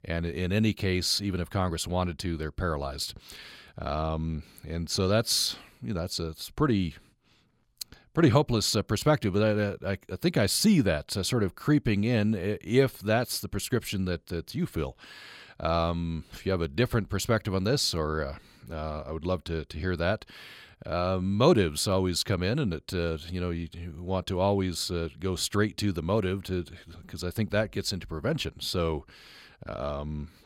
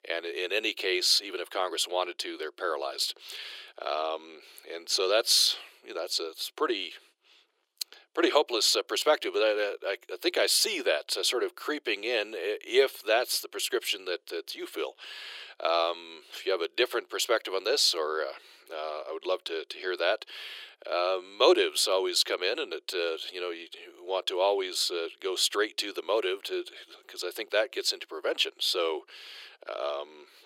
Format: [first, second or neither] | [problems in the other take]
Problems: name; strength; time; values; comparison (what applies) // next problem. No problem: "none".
first | thin; very; fading below 350 Hz